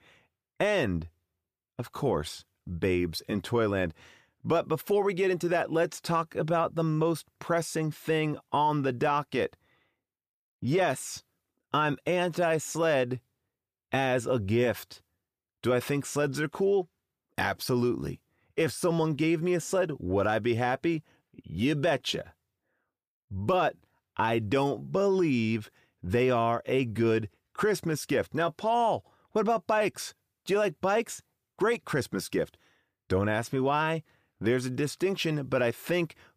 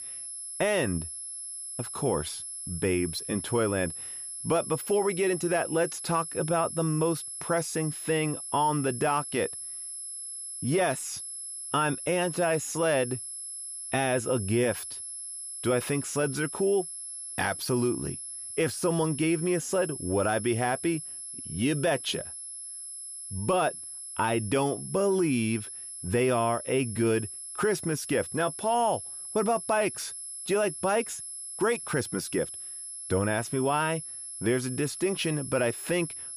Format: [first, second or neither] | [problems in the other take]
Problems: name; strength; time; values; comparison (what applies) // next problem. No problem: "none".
first | high-pitched whine; loud; throughout; 11 kHz, 8 dB below the speech